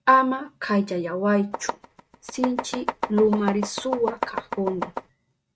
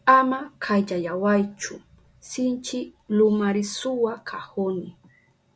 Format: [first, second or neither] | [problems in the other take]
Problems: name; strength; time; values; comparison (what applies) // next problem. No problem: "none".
second | noise reduction (neural mask model RNNoise)